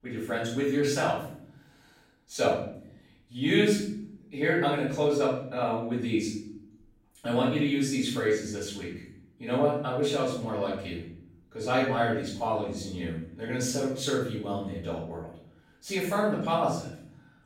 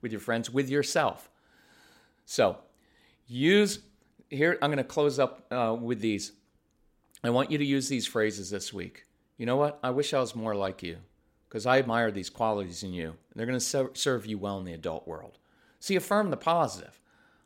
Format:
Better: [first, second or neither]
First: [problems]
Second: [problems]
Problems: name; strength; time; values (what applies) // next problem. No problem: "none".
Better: second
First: room echo; noticeable; dies away in 0.7 s // off-mic speech; far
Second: none